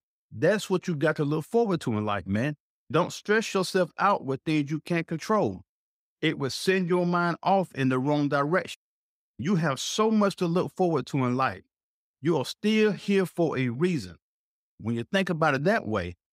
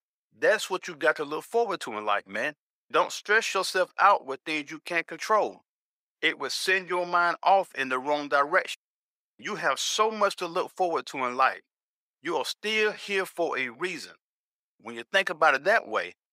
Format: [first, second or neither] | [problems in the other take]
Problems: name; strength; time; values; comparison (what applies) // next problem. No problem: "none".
first | thin; very; fading below 650 Hz